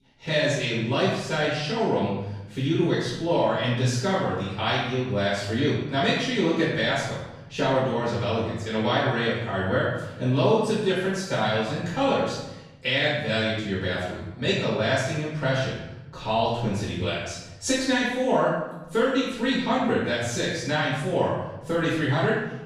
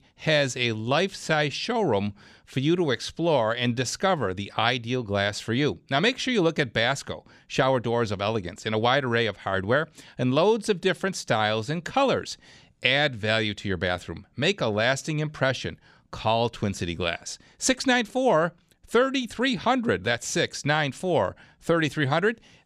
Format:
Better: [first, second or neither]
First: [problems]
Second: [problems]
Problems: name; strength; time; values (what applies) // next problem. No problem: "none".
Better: second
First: off-mic speech; far // room echo; strong; dies away in 0.9 s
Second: none